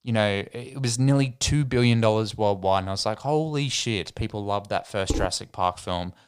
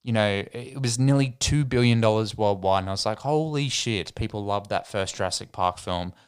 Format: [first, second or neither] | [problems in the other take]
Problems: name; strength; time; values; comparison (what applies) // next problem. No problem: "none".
second | clattering dishes; noticeable; at 5 s; peak 6 dB below the speech